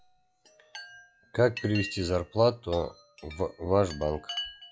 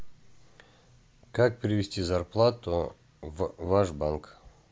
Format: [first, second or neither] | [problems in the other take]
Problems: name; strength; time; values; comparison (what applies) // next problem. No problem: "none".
second | noise reduction (classical method log-MMSE)